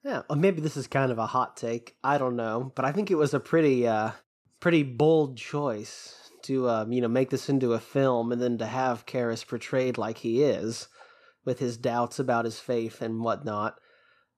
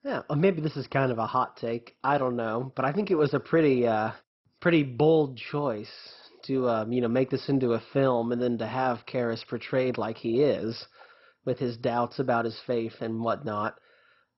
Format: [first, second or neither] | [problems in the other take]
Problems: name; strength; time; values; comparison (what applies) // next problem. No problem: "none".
first | garbled, watery; badly; nothing above 5.5 kHz